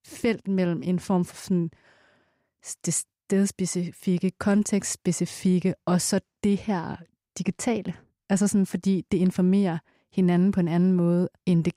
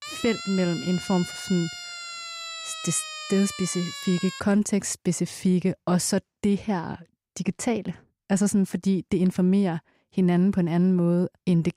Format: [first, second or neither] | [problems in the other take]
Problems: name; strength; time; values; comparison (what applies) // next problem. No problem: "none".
first | siren; noticeable; until 4.5 s; peak 8 dB below the speech